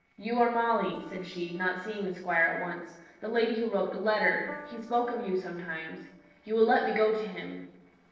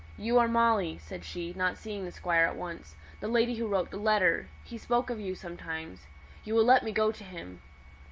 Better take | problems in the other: second | noise reduction (neural separator model SepFormer DNS4)

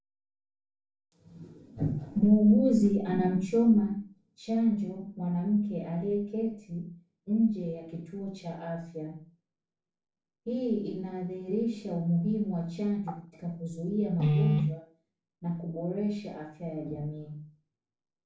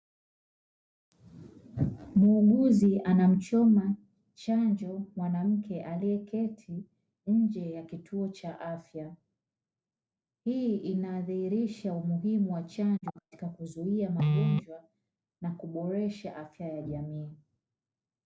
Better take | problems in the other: second | room echo; dies away in 0.4 s

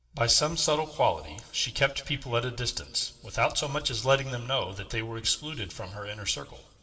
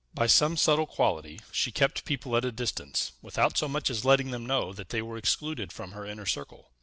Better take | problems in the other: second | room echo; dies away in 2.1 s

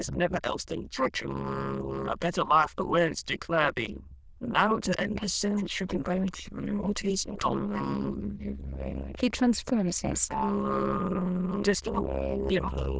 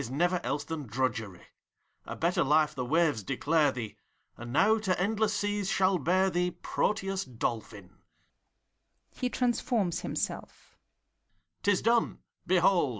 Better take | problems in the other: second | noise reduction (neural diffusion model UNIVERSE++)

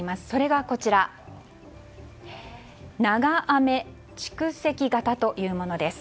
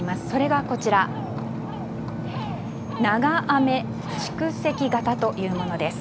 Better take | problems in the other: first | background sound (Ocean); 5 dB below the speech

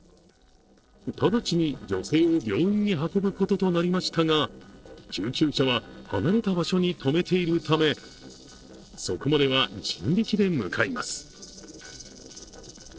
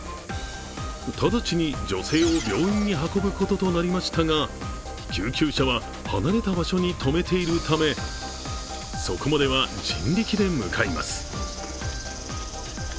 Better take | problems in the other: second | noise reduction (neural separator model SepFormer DNS4)

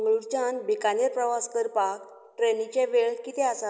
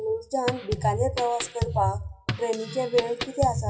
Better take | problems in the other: first | noise reduction (classical method WPE with log-MMSE)

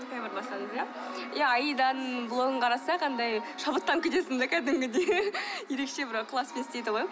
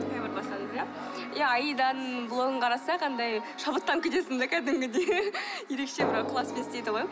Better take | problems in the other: first | background sound (Drum); 10 dB below the speech

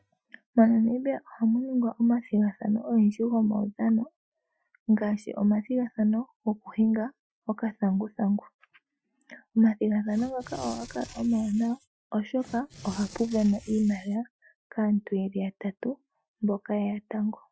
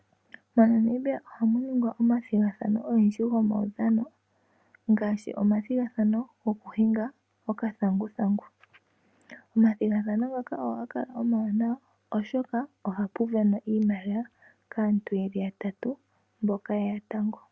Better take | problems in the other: second | noise reduction (classical method Wiener filter)

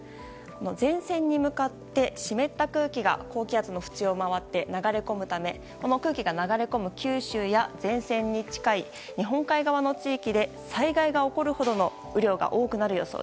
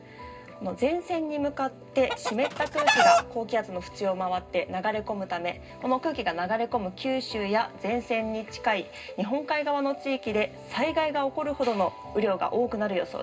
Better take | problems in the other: first | background sound (Chicken, rooster); 4 dB above the speech // room echo; dies away in 0.2 s

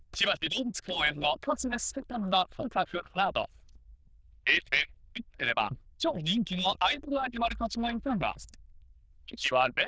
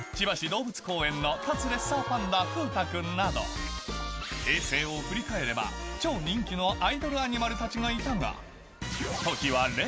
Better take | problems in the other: second | noise reduction (neural diffusion model UNIVERSE++)

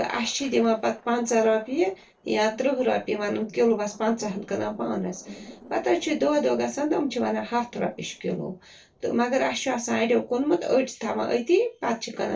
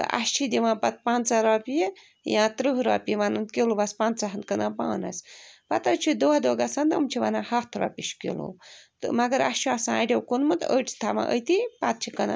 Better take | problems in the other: second | noise reduction (neural separator model SepFormer DNS4)

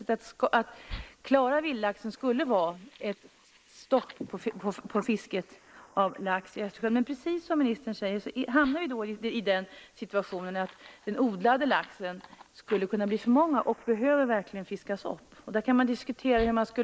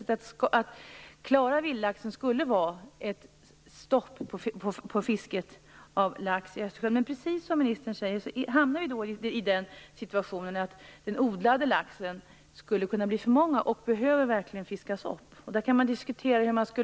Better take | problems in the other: second | noise reduction (neural mask model Resemble Enhance denoiser)

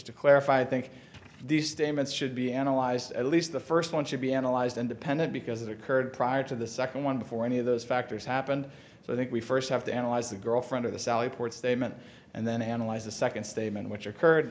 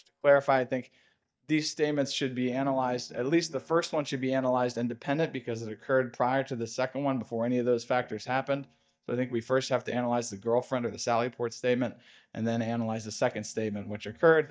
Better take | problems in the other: first | noise reduction (neural mask model DeepFilterNet 3)

